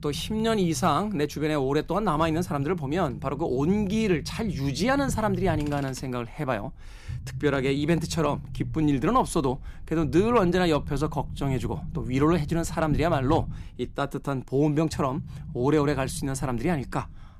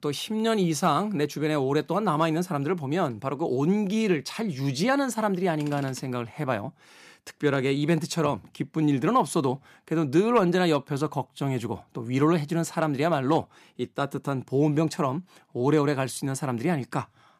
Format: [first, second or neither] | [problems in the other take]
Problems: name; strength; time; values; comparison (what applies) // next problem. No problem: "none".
second | low rumble; faint; throughout; 20 dB below the speech